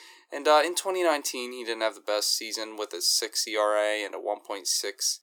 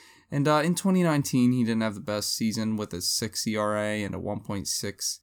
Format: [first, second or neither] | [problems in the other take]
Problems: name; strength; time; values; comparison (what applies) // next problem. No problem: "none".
second | thin; very; fading below 350 Hz